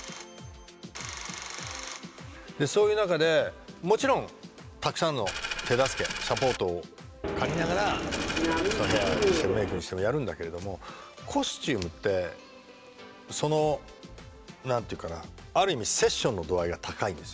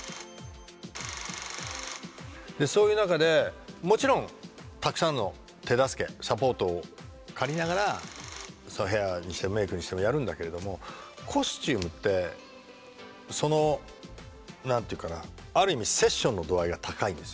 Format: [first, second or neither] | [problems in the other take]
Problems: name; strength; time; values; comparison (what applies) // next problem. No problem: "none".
second | background sound (Subway, metro, underground + Coin (dropping)); as loud as the speech